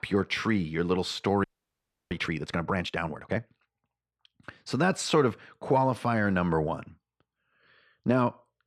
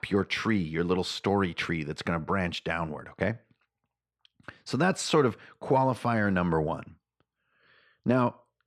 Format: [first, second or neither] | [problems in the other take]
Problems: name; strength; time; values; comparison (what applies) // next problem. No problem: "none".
second | audio freezing; at 1.5 s for 0.5 s